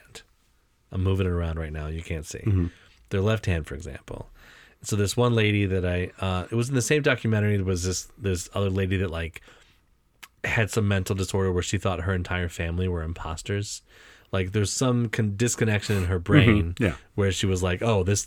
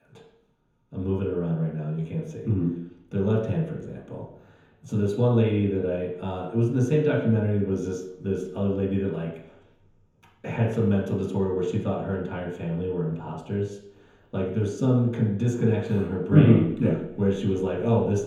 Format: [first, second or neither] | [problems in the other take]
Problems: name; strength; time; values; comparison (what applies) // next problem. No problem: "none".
first | room echo; noticeable; dies away in 3 s // off-mic speech; far